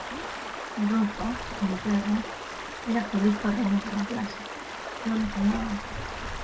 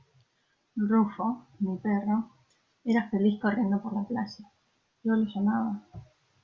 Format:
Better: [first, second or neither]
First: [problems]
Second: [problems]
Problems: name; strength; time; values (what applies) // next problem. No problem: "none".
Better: second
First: background sound (Stream); 7 dB below the speech // room echo; dies away in 0.2 s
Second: none